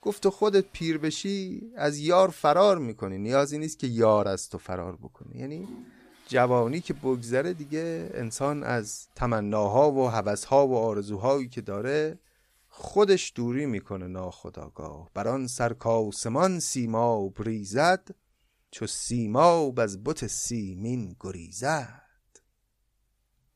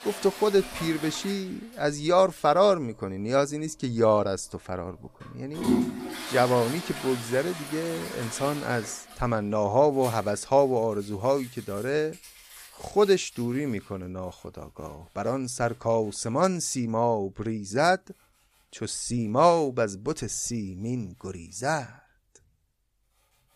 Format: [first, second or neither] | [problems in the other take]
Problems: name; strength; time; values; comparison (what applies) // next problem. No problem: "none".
first | household noises; loud; throughout; 9 dB below the speech; faint in the first